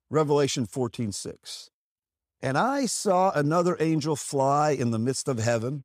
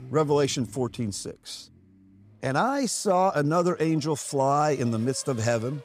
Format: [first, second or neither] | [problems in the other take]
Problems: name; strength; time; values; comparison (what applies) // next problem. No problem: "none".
first | traffic noise; faint; throughout; 25 dB below the speech